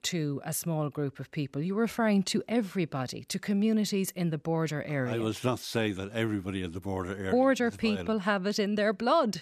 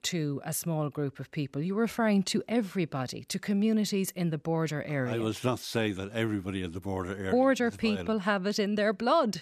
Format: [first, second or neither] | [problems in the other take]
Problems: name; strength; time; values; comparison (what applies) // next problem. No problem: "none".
neither | none